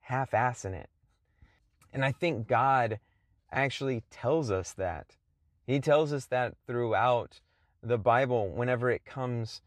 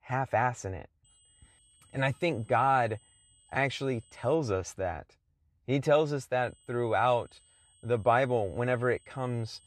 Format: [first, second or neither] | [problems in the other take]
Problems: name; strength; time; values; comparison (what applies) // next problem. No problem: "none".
first | high-pitched whine; faint; from 1 to 4.5 s and from 6.5 s on; 8 kHz, 30 dB below the speech